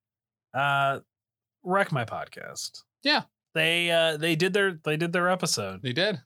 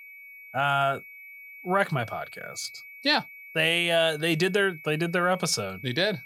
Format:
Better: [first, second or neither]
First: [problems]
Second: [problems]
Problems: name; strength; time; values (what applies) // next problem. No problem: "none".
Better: first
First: none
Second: high-pitched whine; noticeable; throughout; 2.5 kHz, 15 dB below the speech